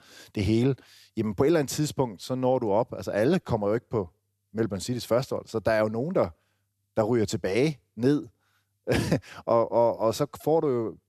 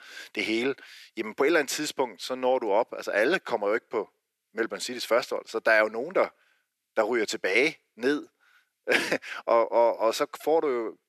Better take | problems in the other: first | thin; somewhat; fading below 350 Hz

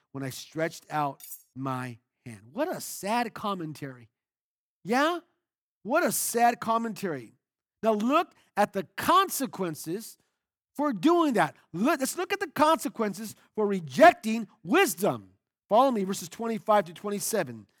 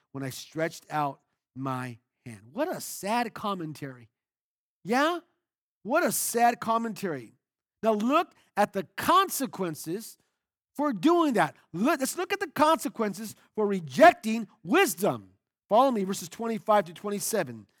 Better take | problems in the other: second | clattering dishes; faint; at 1 s; peak 15 dB below the speech

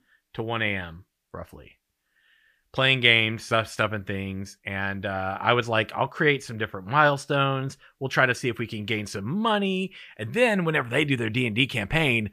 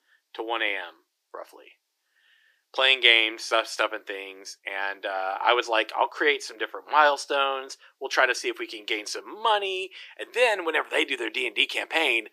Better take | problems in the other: first | thin; very; fading below 350 Hz

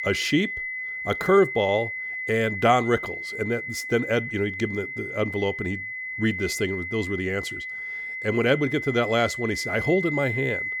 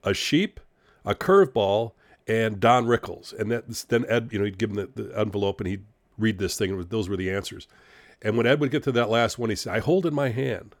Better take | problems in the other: second | high-pitched whine; loud; throughout; 2 kHz, 5 dB below the speech

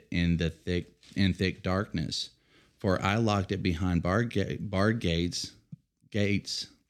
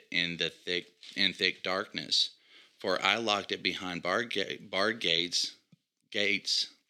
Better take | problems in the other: first | thin; somewhat; fading below 400 Hz

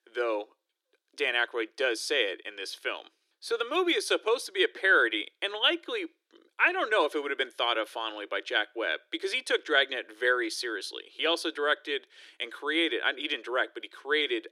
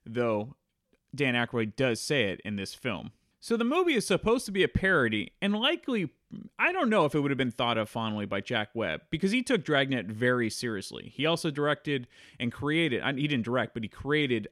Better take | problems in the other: second | thin; very; fading below 300 Hz

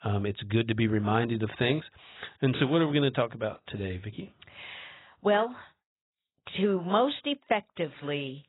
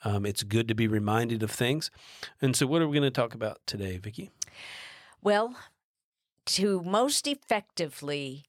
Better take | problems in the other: second | garbled, watery; badly; nothing above 4 kHz

